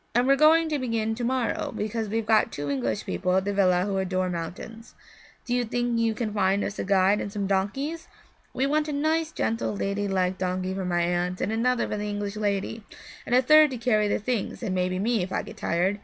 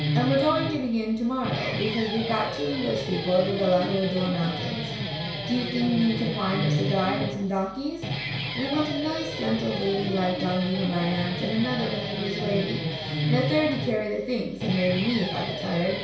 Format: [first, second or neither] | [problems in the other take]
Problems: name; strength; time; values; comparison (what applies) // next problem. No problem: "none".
first | background sound (Guitar); 4 dB below the speech // room echo; dies away in 0.6 s